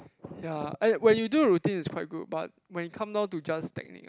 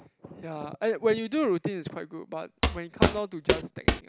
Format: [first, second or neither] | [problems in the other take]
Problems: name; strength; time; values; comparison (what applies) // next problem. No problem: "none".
first | background sound (Walk, footsteps); 4 dB above the speech